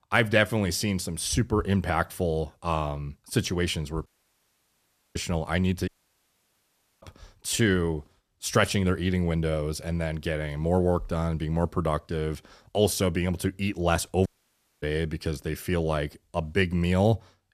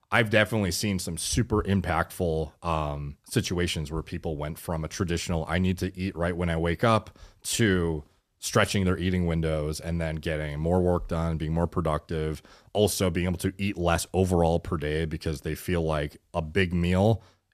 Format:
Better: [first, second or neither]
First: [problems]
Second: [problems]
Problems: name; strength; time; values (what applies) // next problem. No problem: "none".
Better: second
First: audio cutting out; at 4 s for 1 s, at 6 s for 1 s and at 14 s for 0.5 s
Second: none